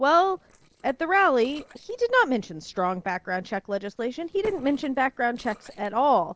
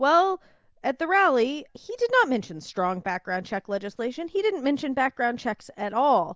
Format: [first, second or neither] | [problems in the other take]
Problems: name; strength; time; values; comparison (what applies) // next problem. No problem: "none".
second | noise reduction (neural separator model SepFormer DNS4)